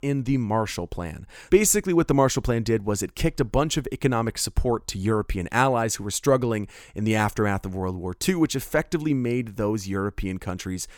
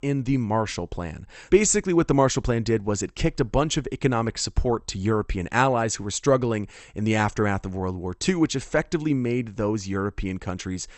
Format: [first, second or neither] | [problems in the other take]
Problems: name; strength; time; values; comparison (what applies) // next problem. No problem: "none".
first | garbled, watery; slightly; nothing above 8 kHz